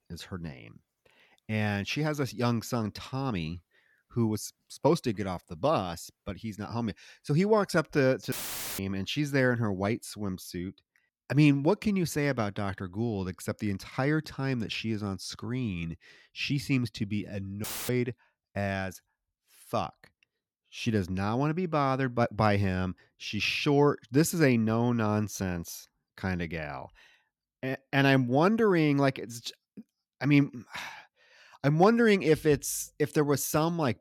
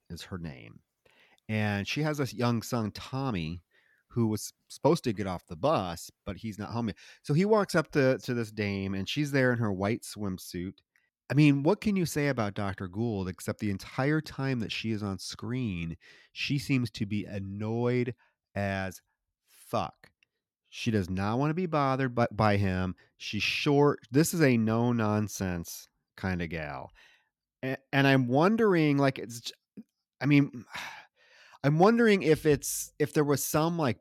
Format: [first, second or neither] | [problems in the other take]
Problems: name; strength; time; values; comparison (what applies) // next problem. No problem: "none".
second | audio cutting out; filled with static; at 8.5 s and at 18 s